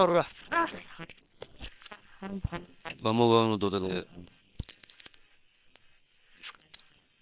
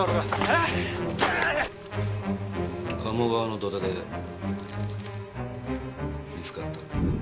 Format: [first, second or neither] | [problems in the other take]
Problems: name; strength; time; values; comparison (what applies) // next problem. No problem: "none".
second | noise reduction (neural separator model SepFormer WHAM!)